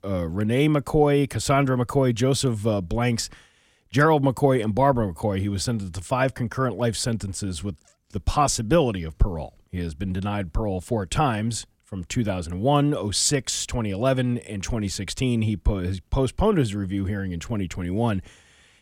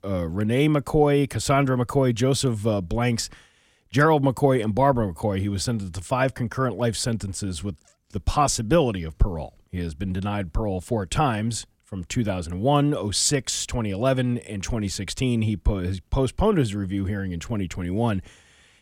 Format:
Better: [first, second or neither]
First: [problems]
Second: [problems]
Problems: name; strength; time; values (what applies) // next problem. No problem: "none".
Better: neither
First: none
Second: none